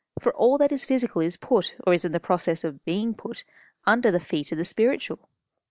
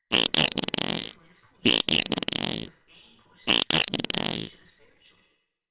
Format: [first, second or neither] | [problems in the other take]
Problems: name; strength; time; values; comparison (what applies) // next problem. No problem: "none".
first | noise reduction (neural separator model SepFormer WHAMR!)